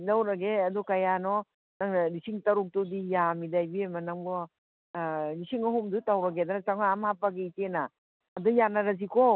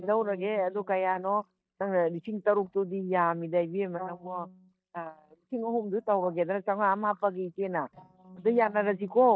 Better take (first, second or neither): first